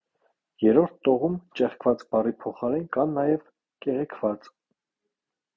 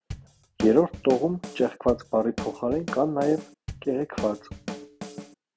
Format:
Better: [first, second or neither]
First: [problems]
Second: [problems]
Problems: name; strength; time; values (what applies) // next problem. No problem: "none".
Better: first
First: none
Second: background sound (Drum / Drum kit); 12 dB below the speech